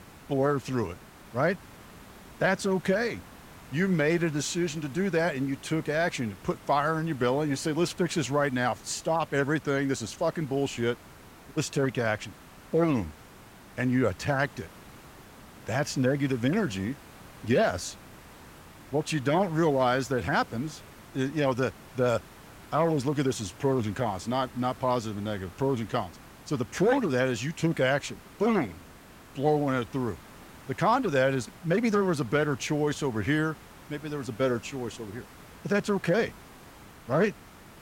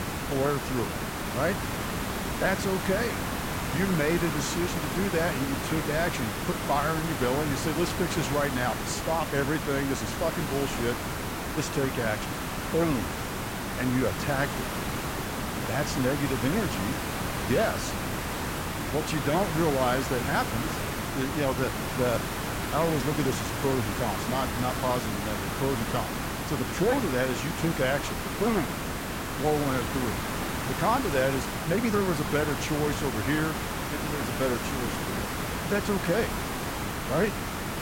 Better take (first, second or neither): first